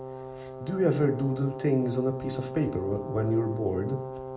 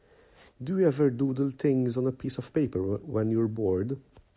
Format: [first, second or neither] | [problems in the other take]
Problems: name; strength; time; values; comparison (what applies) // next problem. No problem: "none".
second | background sound (Brass instrument); 9 dB below the speech // room echo; dies away in 0.4 s